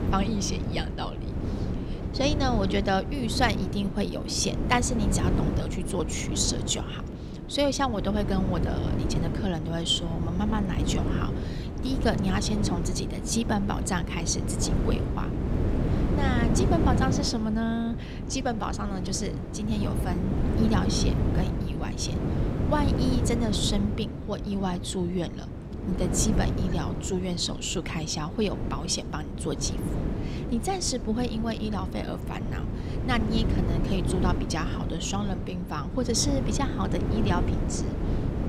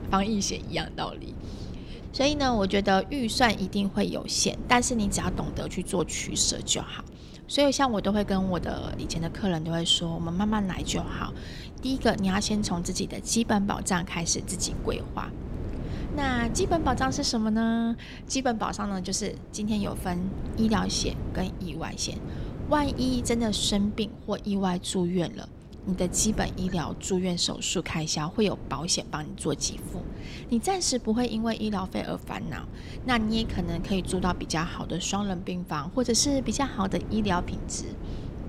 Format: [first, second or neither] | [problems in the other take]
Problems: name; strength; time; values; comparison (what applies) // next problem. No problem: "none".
second | wind noise on the microphone; heavy; 6 dB below the speech; occasional gusts in the second